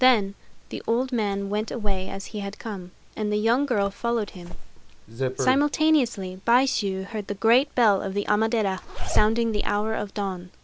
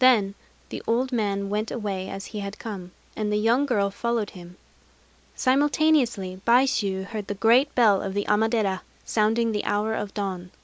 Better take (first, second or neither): second